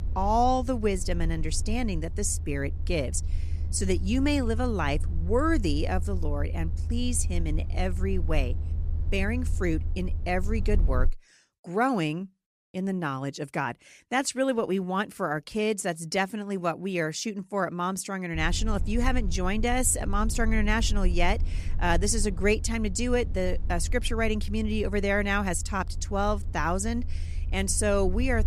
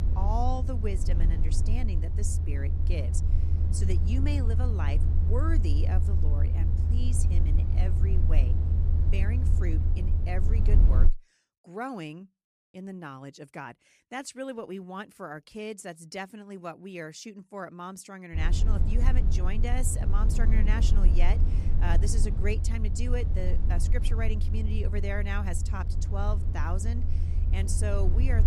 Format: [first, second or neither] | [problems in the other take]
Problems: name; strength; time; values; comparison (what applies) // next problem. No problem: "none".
first | low rumble; loud; until 11 s and from 18 s on; 6 dB below the speech; faint in the first